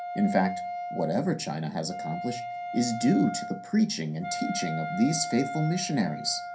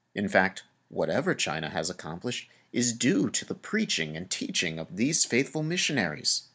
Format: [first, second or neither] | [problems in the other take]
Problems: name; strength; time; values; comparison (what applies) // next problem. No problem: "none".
second | background sound (Wind instrument, woodwind instrument); 7 dB below the speech // room echo; dies away in 0.3 s